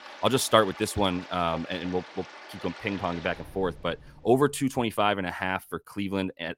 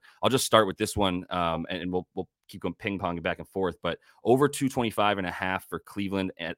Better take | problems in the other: second | rain or running water; noticeable; until 4 s; 15 dB below the speech

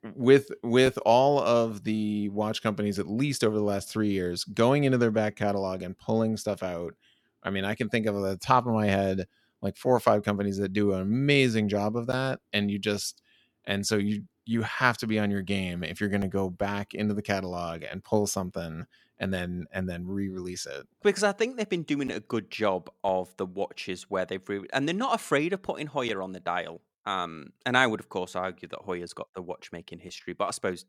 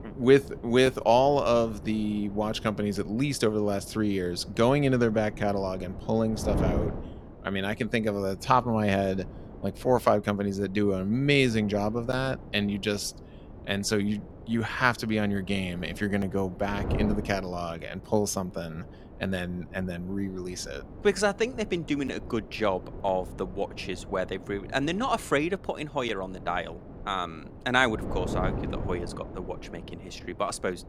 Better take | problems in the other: first | wind noise on the microphone; occasional gusts; 15 dB below the speech

